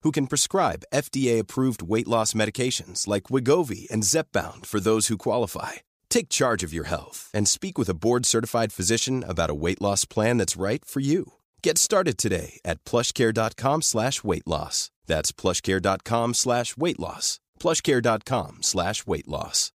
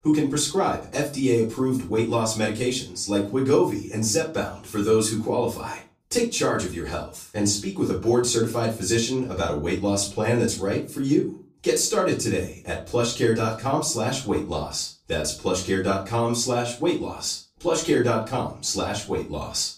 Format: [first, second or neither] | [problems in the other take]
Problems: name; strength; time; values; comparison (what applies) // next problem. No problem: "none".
first | off-mic speech; far // room echo; slight; dies away in 0.3 s